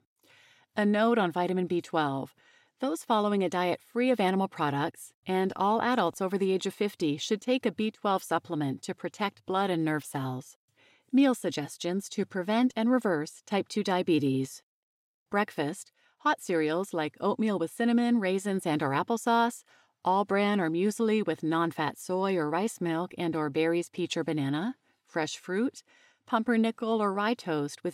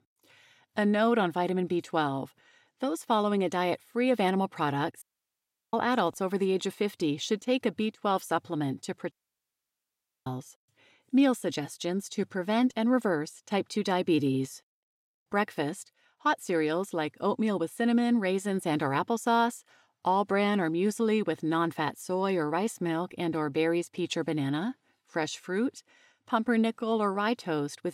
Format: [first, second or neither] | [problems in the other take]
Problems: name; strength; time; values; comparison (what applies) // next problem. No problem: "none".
first | audio cutting out; at 5 s for 0.5 s and at 9 s for 1 s